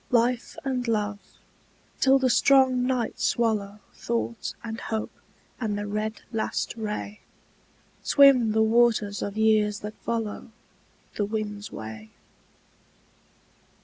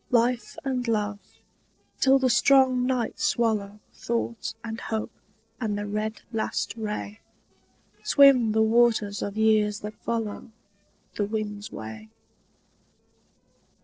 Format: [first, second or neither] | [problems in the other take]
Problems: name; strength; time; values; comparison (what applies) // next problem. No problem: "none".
first | noise reduction (neural separator model SepFormer DNS4)